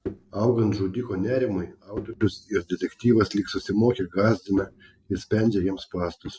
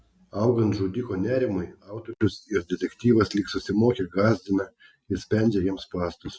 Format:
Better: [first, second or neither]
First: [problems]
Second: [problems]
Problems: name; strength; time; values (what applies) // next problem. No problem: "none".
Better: second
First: noise reduction (neural separator model SepFormer DNS4)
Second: none